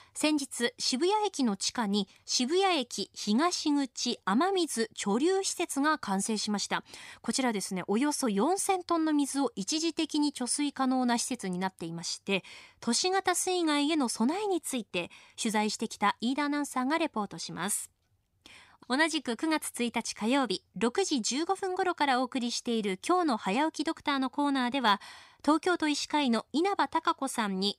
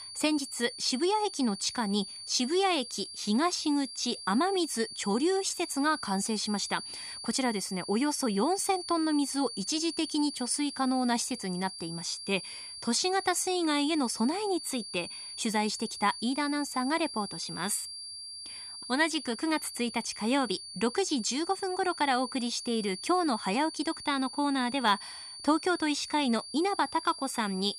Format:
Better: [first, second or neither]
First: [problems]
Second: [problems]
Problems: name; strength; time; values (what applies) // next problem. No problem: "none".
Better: first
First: none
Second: high-pitched whine; loud; throughout; 4.5 kHz, 10 dB below the speech